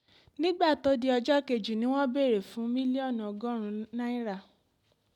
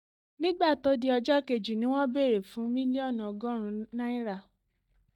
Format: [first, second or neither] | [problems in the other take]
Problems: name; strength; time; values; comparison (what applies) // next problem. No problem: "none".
first | noise reduction (neural mask model DeepFilterNet 3)